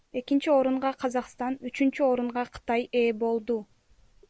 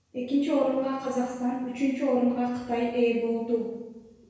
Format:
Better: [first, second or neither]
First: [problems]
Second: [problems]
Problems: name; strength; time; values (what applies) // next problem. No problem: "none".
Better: first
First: none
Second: room echo; dies away in 1 s